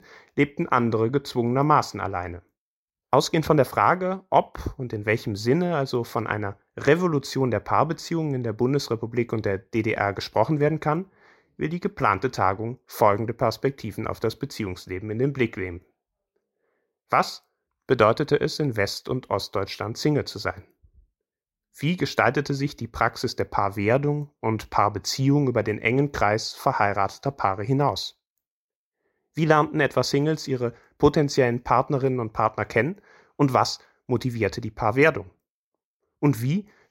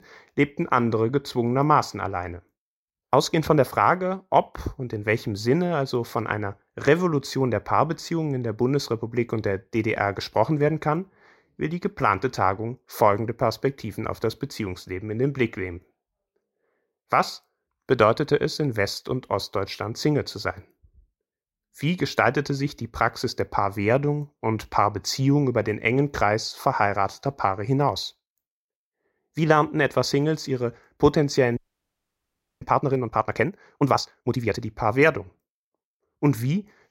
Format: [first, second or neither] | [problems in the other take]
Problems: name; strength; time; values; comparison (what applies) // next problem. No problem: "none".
first | audio freezing; at 32 s for 1 s